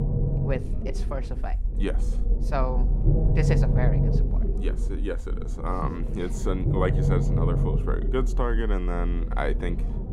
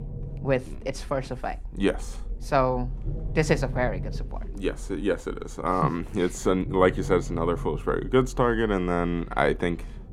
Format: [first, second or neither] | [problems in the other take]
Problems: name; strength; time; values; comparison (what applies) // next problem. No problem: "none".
second | low rumble; loud; throughout; 5 dB below the speech; faint in the second